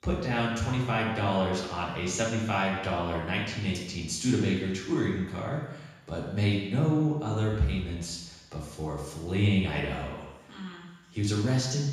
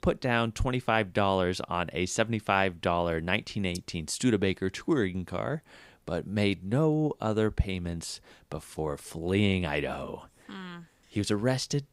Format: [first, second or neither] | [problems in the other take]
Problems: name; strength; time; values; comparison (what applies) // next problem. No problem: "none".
second | room echo; noticeable; dies away in 1 s // off-mic speech; far